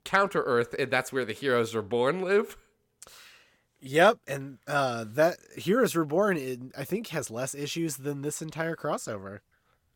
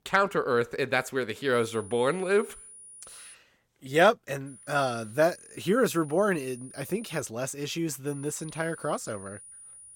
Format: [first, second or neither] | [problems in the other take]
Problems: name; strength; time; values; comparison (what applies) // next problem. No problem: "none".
first | high-pitched whine; noticeable; from 1.5 to 3.5 s, from 4.5 to 7 s and from 8 s on; 9.5 kHz, 20 dB below the speech